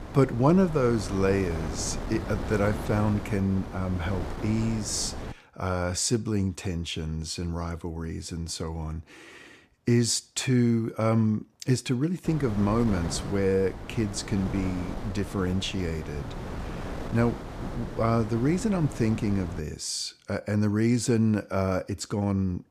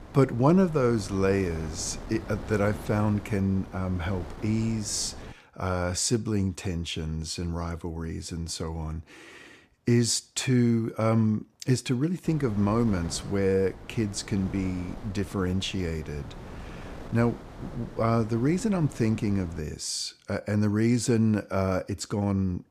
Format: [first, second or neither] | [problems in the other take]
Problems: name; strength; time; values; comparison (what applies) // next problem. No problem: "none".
second | wind noise on the microphone; heavy; until 5.5 s and from 12 to 20 s; 9 dB below the speech; occasional gusts in the second